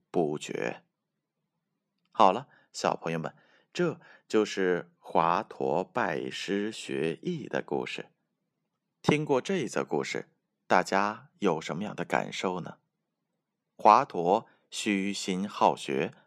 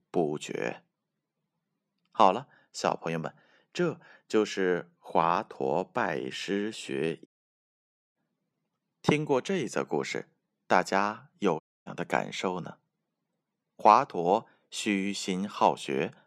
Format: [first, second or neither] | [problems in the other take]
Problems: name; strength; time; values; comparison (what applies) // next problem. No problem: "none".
first | audio cutting out; at 7.5 s for 1 s and at 12 s